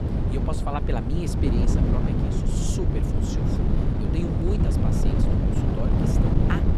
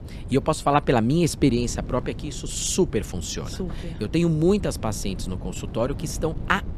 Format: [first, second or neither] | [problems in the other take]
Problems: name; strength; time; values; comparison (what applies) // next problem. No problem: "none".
second | wind noise on the microphone; heavy; 3 dB above the speech; occasional gusts in the second